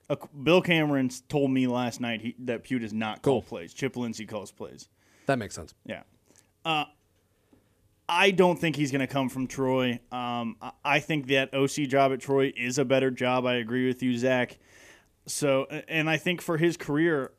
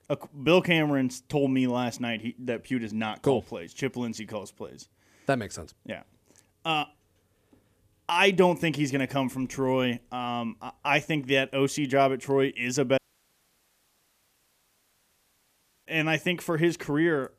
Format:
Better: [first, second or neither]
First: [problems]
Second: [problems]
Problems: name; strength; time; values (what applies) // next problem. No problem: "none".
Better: first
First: none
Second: audio cutting out; at 13 s for 3 s